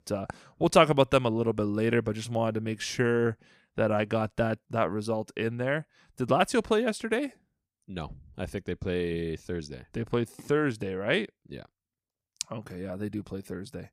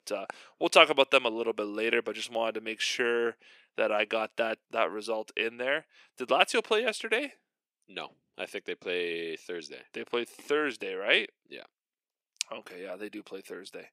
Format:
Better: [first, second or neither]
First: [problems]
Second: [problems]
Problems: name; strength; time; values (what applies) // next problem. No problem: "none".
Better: first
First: none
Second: thin; somewhat; fading below 350 Hz